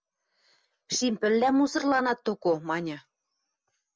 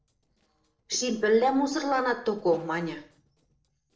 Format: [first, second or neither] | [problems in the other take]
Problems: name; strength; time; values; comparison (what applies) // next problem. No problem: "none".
first | noise reduction (neural separator model SepFormer DNS4)